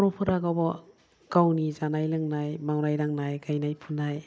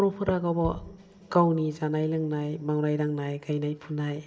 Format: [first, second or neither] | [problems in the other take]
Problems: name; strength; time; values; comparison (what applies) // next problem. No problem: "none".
first | background sound (Bass drum); 17 dB below the speech // room echo; dies away in 2.3 s